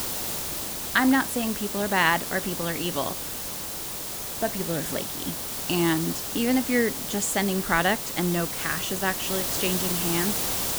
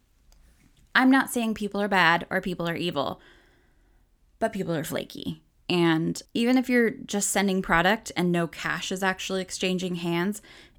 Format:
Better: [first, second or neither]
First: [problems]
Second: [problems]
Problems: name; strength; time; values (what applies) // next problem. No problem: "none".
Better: second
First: hiss; loud; throughout; 2 dB below the speech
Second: none